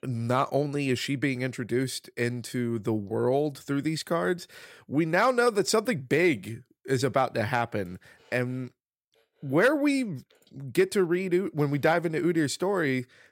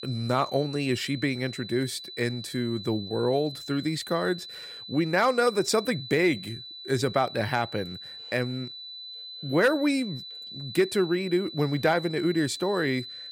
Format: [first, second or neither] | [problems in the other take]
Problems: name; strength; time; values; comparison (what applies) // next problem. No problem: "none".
first | high-pitched whine; noticeable; throughout; 4 kHz, 10 dB below the speech